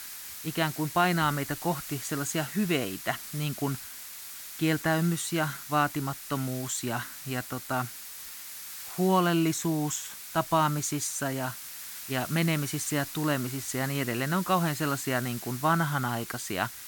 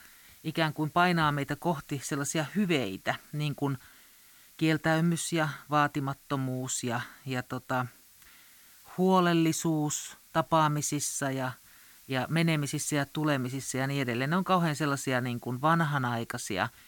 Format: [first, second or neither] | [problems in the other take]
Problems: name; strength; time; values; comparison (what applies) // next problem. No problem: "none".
second | hiss; loud; throughout; 9 dB below the speech; faint in the second